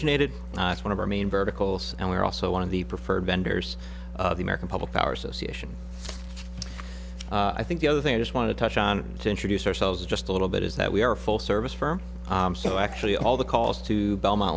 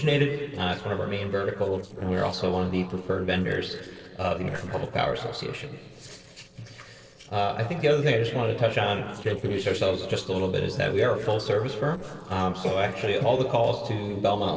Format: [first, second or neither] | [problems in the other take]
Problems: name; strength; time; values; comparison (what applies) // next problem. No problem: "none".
first | noise reduction (neural separator model SepFormer DNS4)